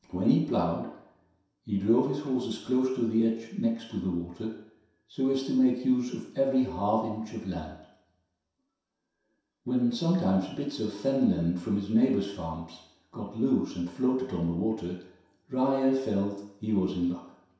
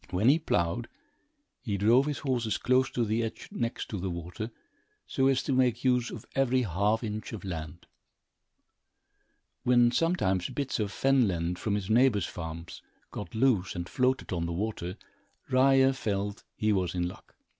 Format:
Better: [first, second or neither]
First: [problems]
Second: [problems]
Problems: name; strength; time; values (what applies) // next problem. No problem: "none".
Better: second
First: room echo; dies away in 0.7 s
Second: none